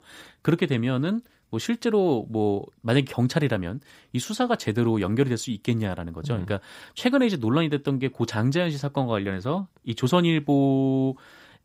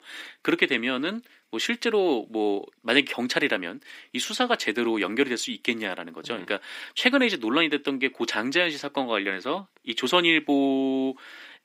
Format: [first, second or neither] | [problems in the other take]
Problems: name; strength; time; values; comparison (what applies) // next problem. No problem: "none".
first | thin; very slightly; fading below 300 Hz